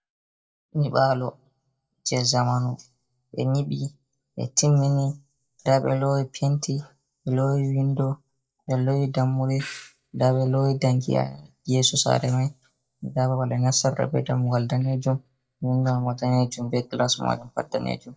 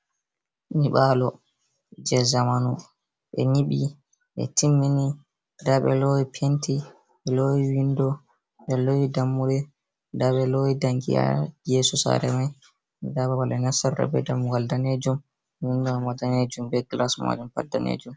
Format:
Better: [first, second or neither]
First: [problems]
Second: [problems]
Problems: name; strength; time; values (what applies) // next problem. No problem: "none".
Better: second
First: noise reduction (neural mask model DeepFilterNet 3)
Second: none